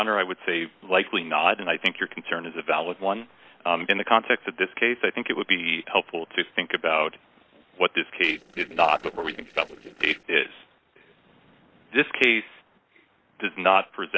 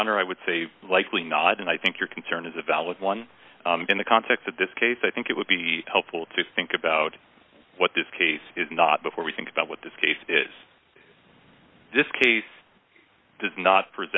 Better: second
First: noise reduction (neural separator model SepFormer DNS4)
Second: none

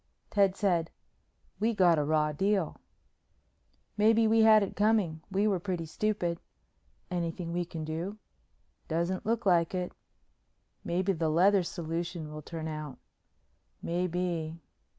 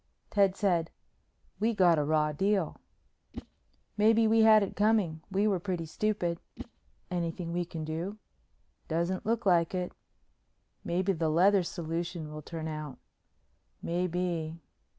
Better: first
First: none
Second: background sound (Whoosh, swoosh, swish); 19 dB below the speech

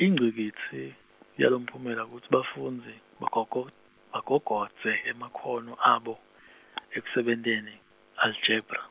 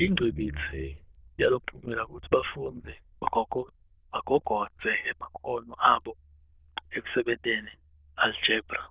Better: first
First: none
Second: noise reduction (neural diffusion model UNIVERSE++)

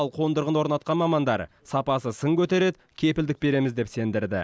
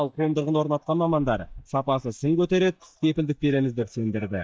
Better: first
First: none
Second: noise reduction (neural mask model DeepFilterNet 3)

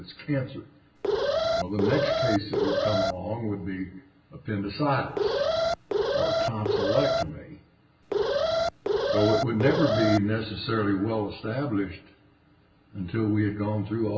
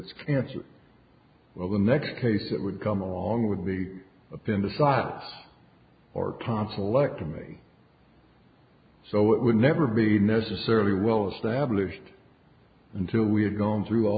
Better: second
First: background sound (Alarm); 3 dB above the speech // room echo; dies away in 0.2 s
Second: none

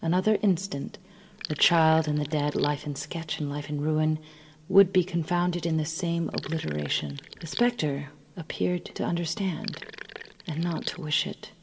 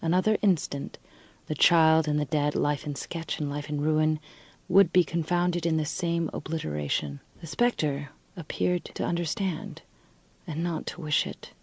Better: second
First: background sound (Sink (filling or washing)); 14 dB below the speech // room echo; dies away in 0.5 s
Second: none

